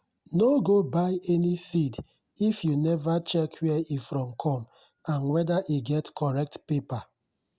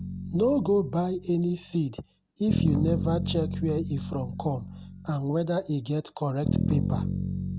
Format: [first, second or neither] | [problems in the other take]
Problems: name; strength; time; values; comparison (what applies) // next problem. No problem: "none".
first | background sound (Bass guitar); 3 dB below the speech